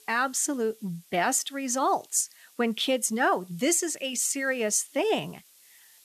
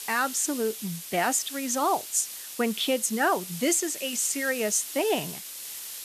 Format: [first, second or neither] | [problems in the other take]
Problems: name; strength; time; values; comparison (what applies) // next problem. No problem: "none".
first | hiss; loud; throughout; 9 dB below the speech; faint in the first